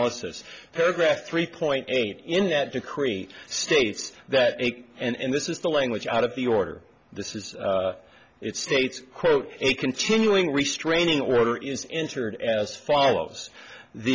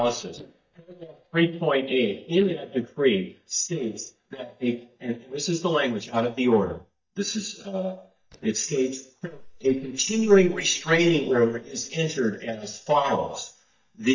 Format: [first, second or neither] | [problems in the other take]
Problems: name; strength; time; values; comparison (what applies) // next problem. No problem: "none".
first | noise reduction (neural mask model DeepFilterNet 3)